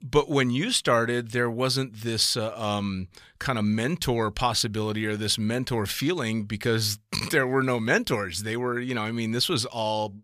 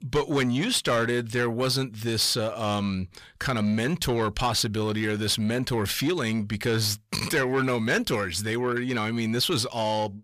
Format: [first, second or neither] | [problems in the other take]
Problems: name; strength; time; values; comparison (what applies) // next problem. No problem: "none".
first | distortion; slight; 10 dB below the speech